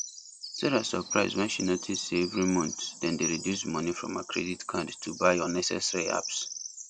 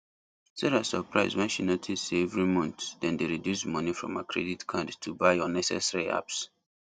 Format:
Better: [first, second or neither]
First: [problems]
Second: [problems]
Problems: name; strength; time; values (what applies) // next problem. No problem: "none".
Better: second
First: background sound (Bird vocalization, bird call, bird song); 10 dB below the speech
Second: none